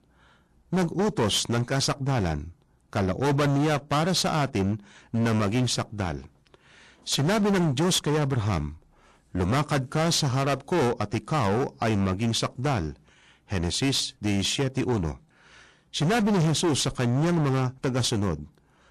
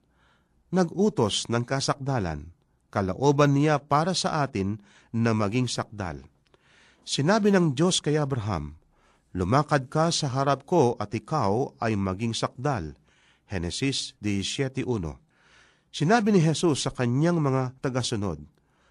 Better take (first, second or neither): second